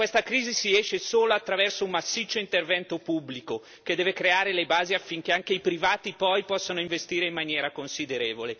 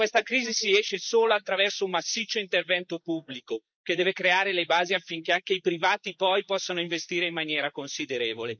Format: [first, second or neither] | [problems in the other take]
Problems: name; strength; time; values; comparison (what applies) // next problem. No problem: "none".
first | noise reduction (neural mask model Resemble Enhance denoiser)